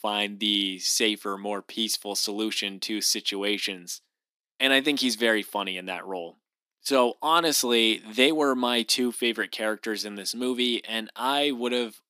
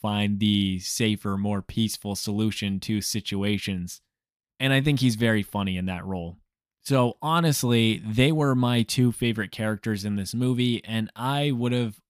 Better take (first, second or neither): second